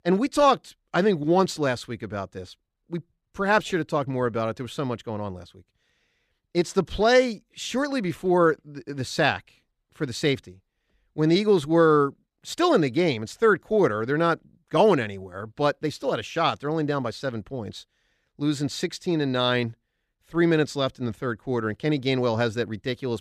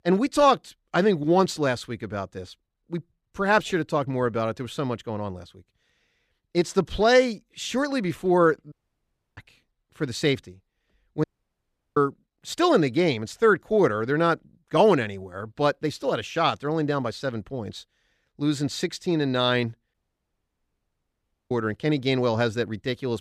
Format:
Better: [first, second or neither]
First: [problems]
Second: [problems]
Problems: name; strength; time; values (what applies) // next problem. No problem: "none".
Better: first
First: none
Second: audio cutting out; at 8.5 s for 0.5 s, at 11 s for 0.5 s and at 20 s for 1.5 s